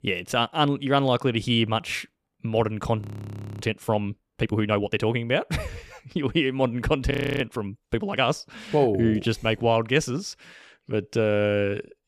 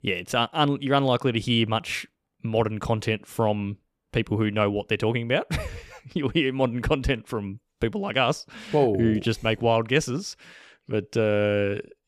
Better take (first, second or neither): second